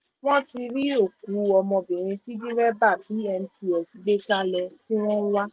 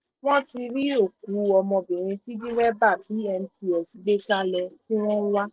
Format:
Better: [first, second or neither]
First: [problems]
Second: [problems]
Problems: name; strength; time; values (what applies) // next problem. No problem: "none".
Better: first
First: none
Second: noise reduction (neural separator model SepFormer DNS4)